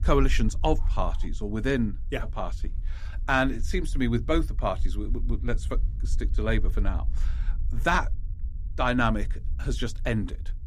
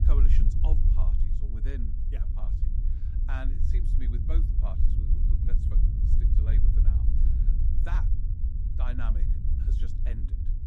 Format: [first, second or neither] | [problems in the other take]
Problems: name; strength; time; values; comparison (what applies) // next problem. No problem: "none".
first | low rumble; loud; throughout; 1 dB below the speech; faint in the first